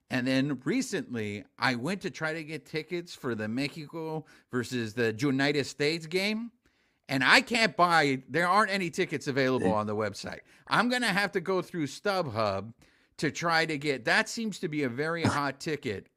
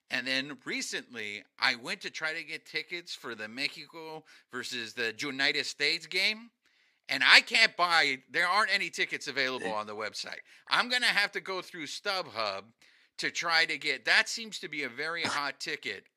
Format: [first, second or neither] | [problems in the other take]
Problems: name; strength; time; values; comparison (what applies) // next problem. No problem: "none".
first | thin; somewhat; fading below 800 Hz